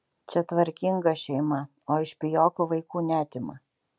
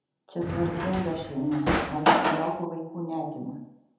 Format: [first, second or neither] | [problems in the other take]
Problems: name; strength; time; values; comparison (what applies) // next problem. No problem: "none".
first | background sound (Drawer open or close); 4 dB above the speech // room echo; dies away in 0.8 s